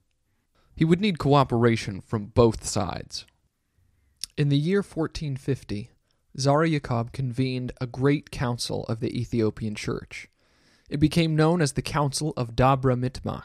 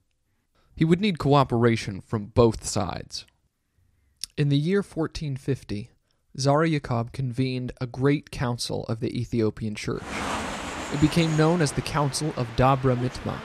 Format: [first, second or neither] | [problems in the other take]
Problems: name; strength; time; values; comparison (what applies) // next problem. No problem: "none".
first | train or aircraft noise; loud; from 10 s on; 10 dB below the speech